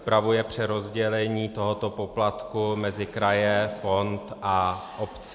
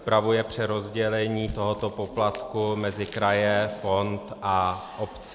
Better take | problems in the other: first | background sound (Ringtone / Chime + Crumpling, crinkling / Crushing); 18 dB below the speech

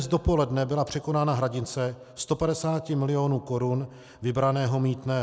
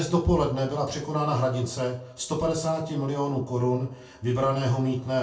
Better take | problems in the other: first | room echo; dies away in 0.3 s

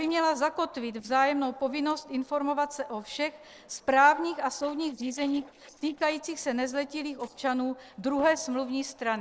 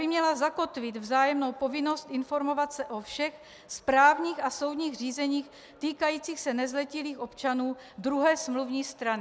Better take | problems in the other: second | noise reduction (neural separator model SepFormer DNS4)

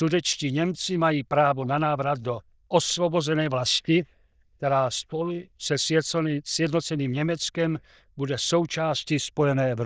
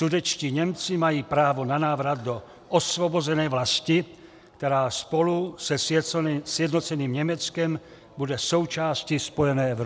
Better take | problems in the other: second | noise reduction (neural diffusion model UNIVERSE++)

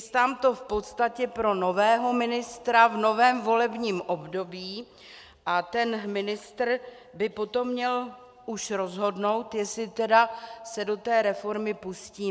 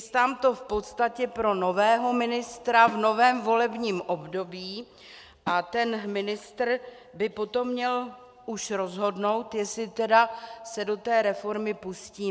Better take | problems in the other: first | background sound (Snare drum); 19 dB below the speech

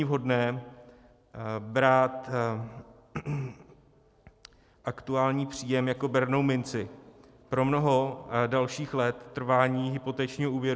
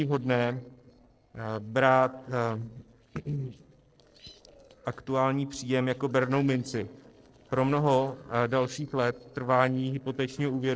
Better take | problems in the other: first | noise reduction (neural separator model SepFormer DNS4)

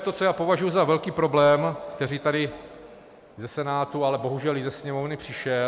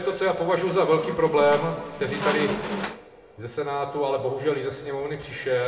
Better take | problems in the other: first | background sound (Squeak); 8 dB below the speech // room echo; dies away in 0.9 s

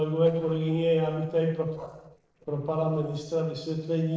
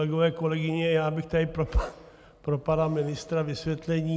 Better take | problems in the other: second | noise reduction (neural separator model SepFormer DNS4)

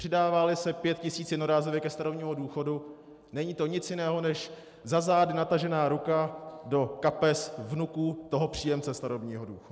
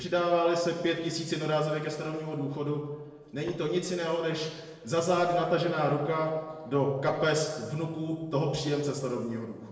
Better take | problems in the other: first | noise reduction (neural separator model SepFormer DNS4)

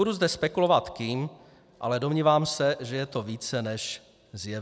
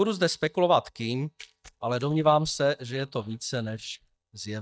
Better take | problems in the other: first | noise reduction (neural mask model DeepFilterNet 3)

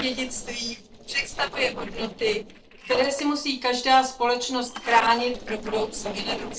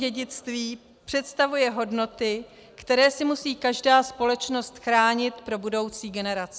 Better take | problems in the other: second | noise reduction (neural separator model SepFormer DNS4)

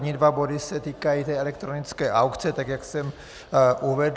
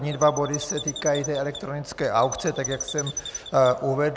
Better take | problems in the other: first | background sound (Chirp, tweet); 11 dB below the speech

